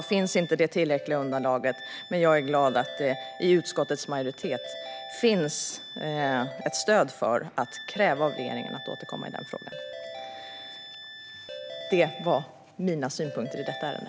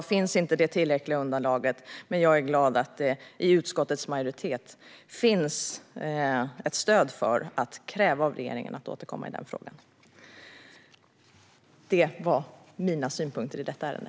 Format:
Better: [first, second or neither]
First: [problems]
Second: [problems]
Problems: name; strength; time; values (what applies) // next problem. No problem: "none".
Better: second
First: background sound (Ringtone / Keyboard (musical) + Wind instrument, woodwind instrument); 13 dB below the speech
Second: none